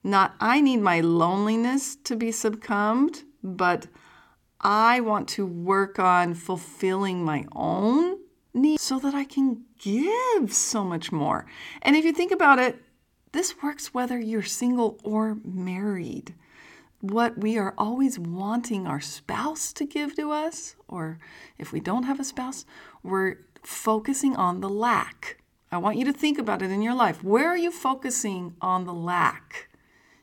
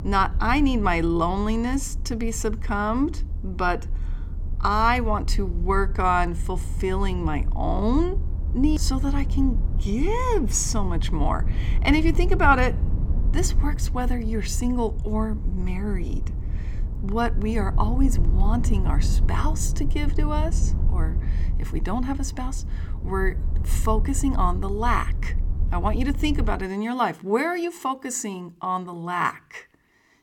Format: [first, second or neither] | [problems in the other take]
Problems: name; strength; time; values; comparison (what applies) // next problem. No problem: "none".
first | low rumble; noticeable; until 27 s; 20 dB below the speech